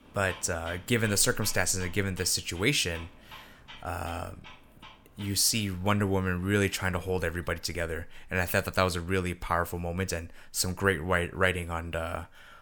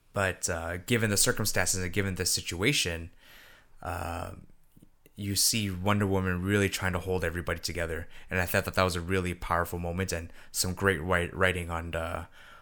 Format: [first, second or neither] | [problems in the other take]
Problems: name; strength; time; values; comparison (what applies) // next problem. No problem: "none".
second | household noises; faint; throughout; 20 dB below the speech